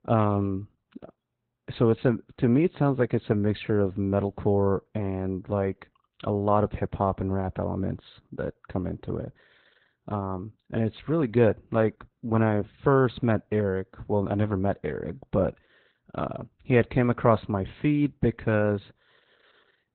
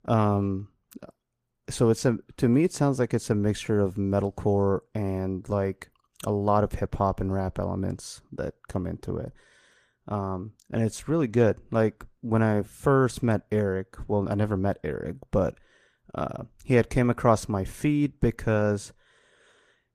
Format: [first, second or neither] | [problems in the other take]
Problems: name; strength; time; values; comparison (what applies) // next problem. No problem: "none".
second | garbled, watery; badly; nothing above 4 kHz; slightly in the second